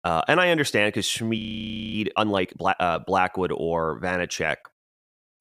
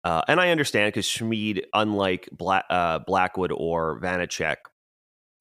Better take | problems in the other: second | audio freezing; at 1.5 s for 0.5 s

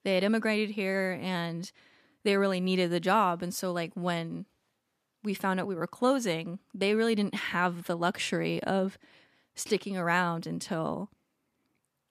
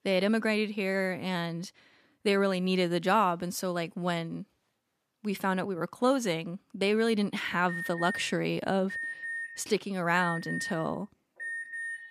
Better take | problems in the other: first | alarm; noticeable; from 7.5 s on; peak 5 dB below the speech

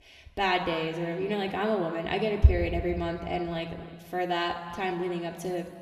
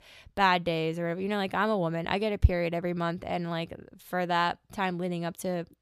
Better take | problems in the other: second | room echo; noticeable; dies away in 2 s // off-mic speech; somewhat distant

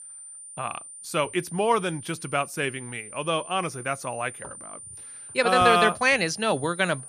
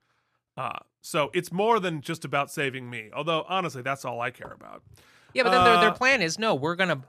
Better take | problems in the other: second | high-pitched whine; noticeable; throughout; 9 kHz, 15 dB below the speech

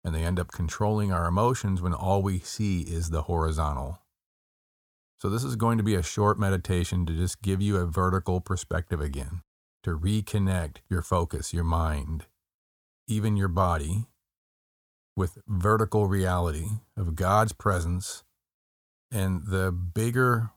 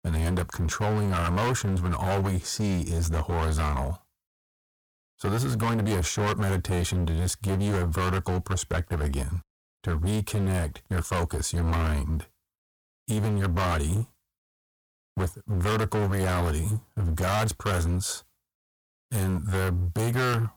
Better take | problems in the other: first | distortion; heavy; 26% of the sound clipped

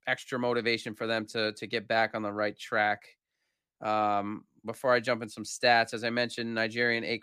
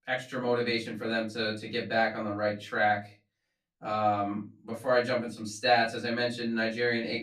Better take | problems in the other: first | off-mic speech; far // room echo; very slight; dies away in 0.3 s

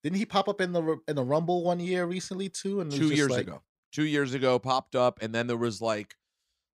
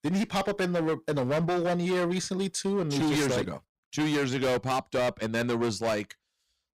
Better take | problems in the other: first | distortion; heavy; 20% of the sound clipped

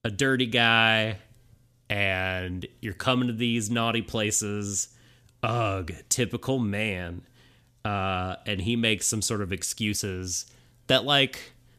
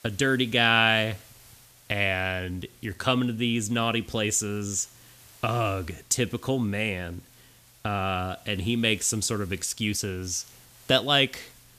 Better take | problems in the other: first | hiss; faint; throughout; 25 dB below the speech

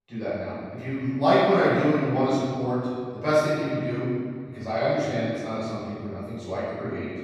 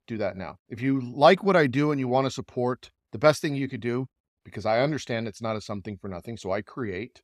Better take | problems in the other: second | off-mic speech; far // room echo; strong; dies away in 1.9 s

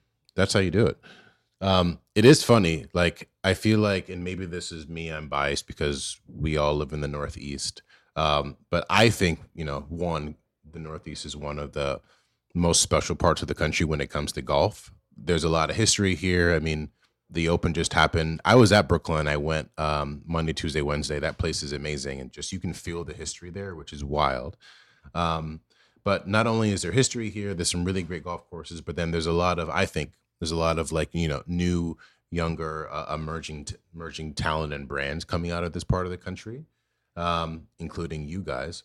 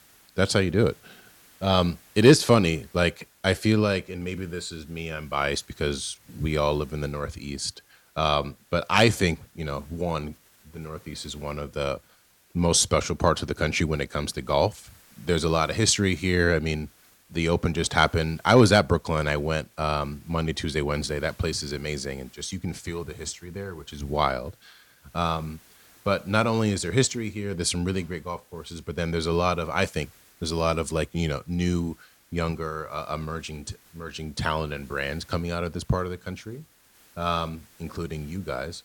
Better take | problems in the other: first | hiss; faint; throughout; 30 dB below the speech

